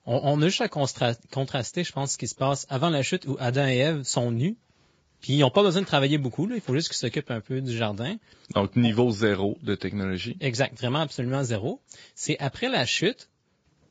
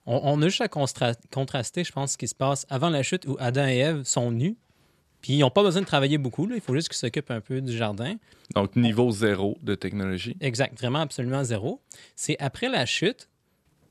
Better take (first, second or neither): second